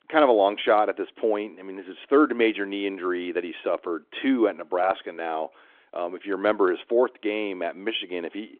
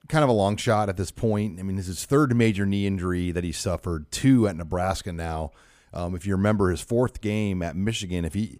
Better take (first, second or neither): second